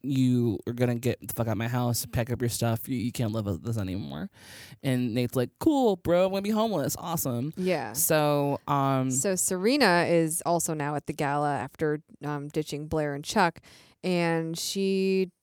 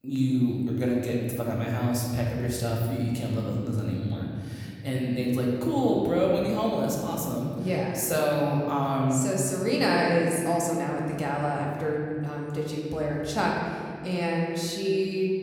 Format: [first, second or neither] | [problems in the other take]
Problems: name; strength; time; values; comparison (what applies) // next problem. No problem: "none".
first | room echo; noticeable; dies away in 2.4 s // off-mic speech; somewhat distant